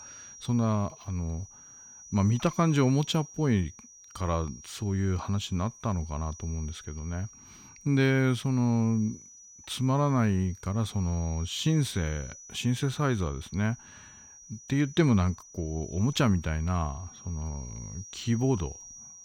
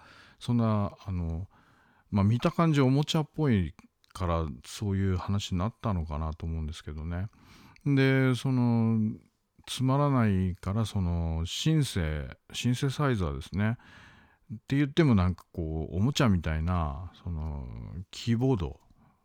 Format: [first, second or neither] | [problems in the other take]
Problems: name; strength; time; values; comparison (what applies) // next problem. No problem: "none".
second | high-pitched whine; noticeable; throughout; 6 kHz, 15 dB below the speech